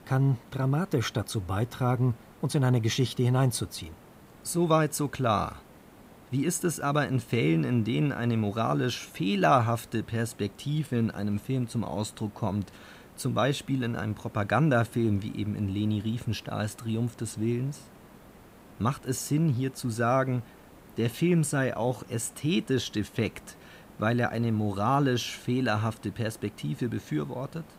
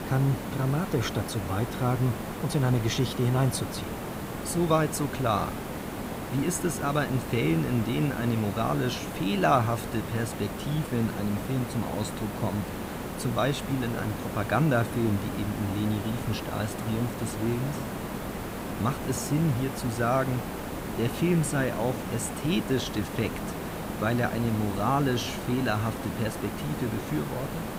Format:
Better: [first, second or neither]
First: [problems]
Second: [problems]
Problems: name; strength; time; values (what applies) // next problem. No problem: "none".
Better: first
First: hiss; faint; throughout; 25 dB below the speech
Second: hiss; loud; throughout; 6 dB below the speech